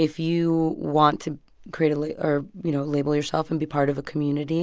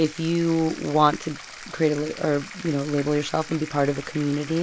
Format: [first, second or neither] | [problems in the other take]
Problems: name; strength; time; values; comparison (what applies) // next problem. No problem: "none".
first | background sound (Bathtub (filling or washing)); 16 dB below the speech